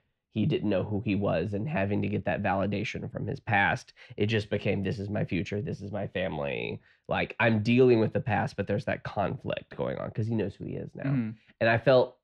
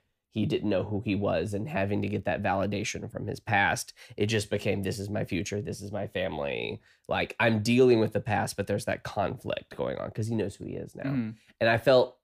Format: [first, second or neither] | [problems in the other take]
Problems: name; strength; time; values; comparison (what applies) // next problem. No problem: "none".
second | muffled; slightly; fading above 3 kHz